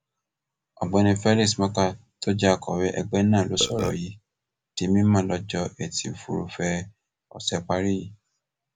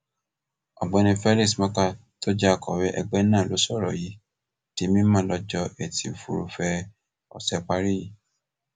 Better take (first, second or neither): second